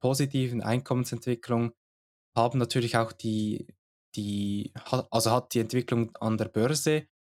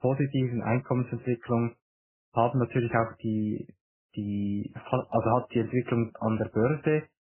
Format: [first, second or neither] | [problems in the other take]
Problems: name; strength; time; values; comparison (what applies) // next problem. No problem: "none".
first | garbled, watery; badly; nothing above 3 kHz